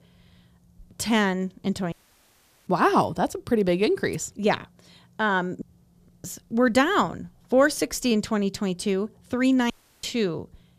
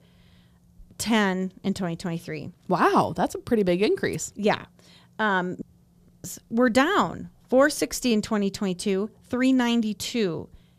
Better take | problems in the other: second | audio cutting out; at 2 s for 1 s and at 9.5 s

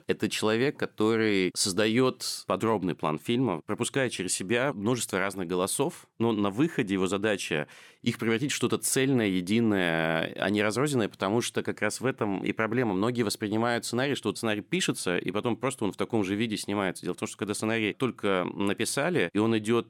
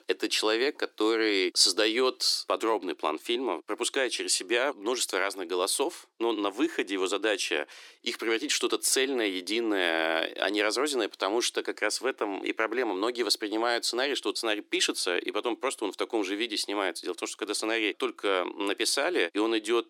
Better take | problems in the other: first | thin; somewhat; fading below 300 Hz

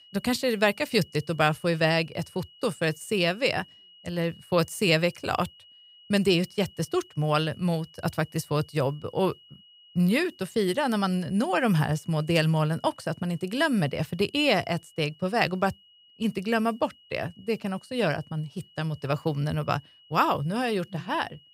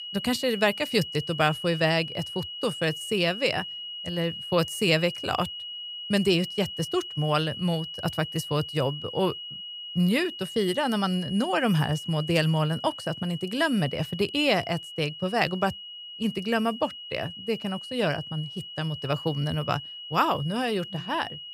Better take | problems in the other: first | high-pitched whine; loud; throughout; 3 kHz, 9 dB below the speech; faint in the first

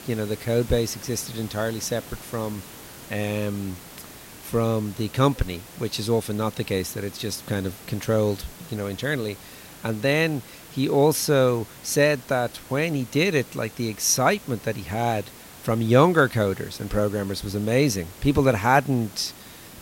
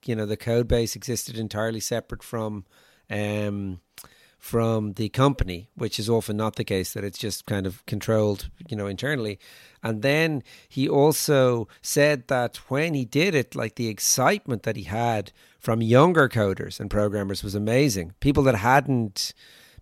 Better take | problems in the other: second | hiss; noticeable; throughout; 20 dB below the speech

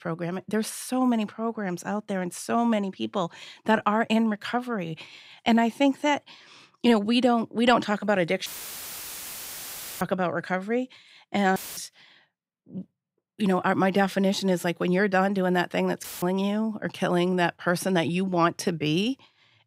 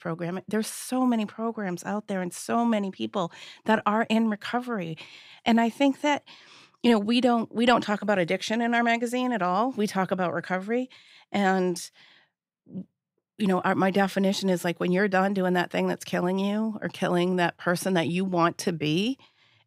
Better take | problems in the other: second | audio cutting out; filled with static; at 8.5 s for 1.5 s, at 12 s and at 16 s

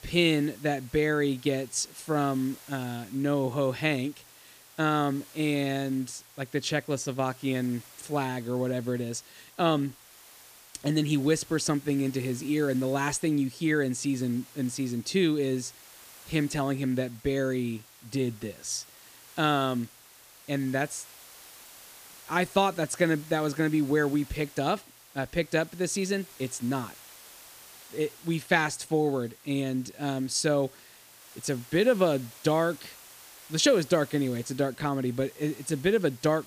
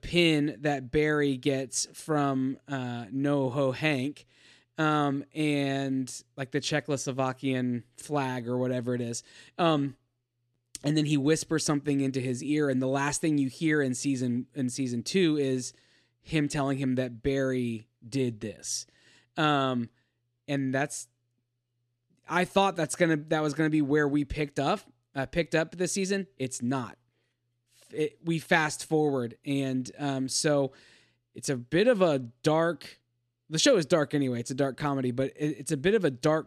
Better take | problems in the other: second | hiss; faint; throughout; 20 dB below the speech

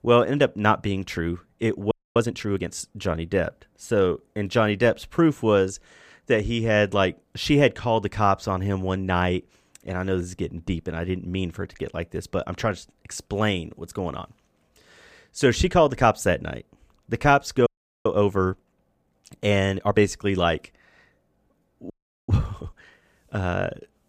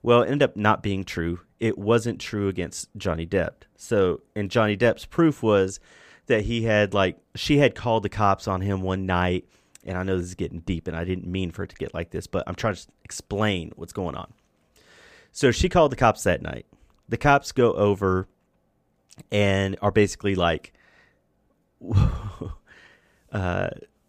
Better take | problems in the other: second | audio freezing; at 2 s, at 18 s and at 22 s

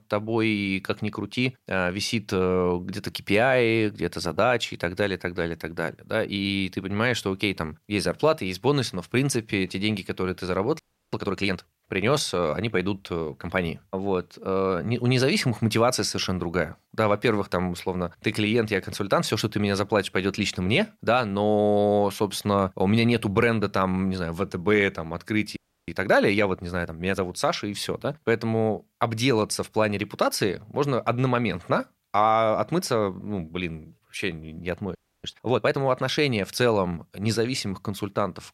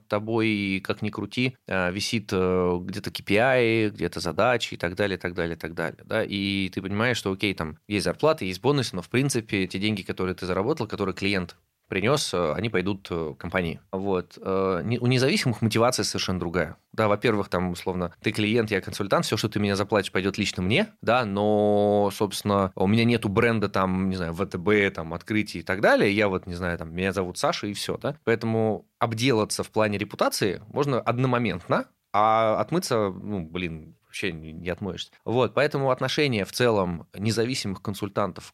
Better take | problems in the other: second | audio freezing; at 11 s, at 26 s and at 35 s

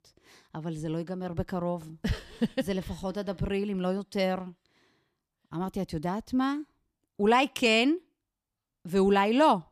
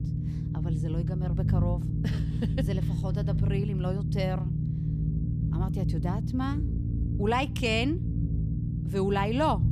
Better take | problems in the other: first | low rumble; loud; throughout; 7 dB below the speech

